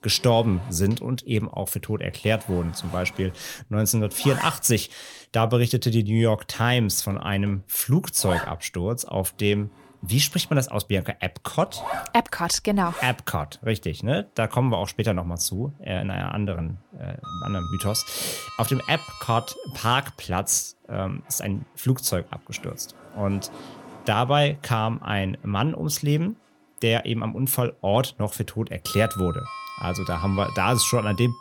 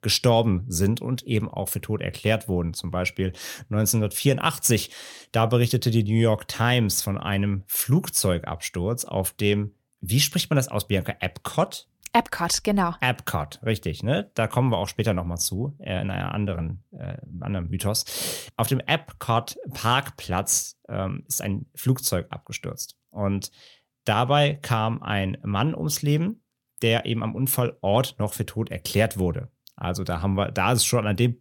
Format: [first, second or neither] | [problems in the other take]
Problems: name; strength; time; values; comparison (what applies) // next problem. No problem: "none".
second | household noises; noticeable; throughout; 10 dB below the speech